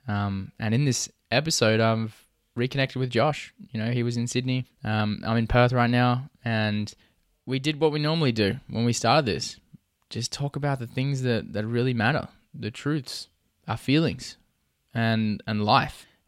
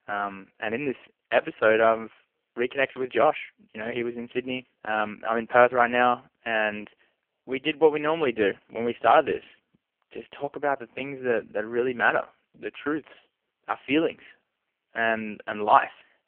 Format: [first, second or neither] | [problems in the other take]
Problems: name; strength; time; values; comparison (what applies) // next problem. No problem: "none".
first | phone-call audio; poor line; nothing above 3 kHz